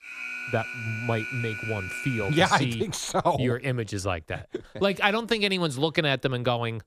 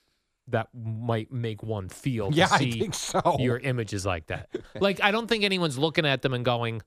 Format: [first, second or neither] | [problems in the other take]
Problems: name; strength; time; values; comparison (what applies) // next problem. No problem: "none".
second | alarm; noticeable; until 3 s; peak 6 dB below the speech